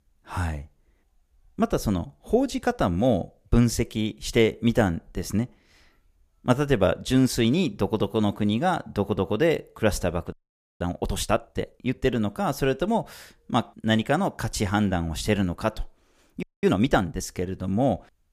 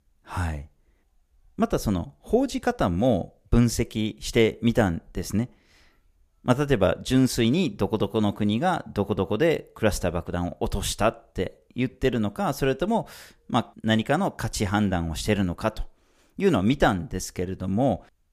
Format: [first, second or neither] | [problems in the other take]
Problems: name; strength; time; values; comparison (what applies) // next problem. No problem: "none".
second | audio freezing; at 10 s and at 16 s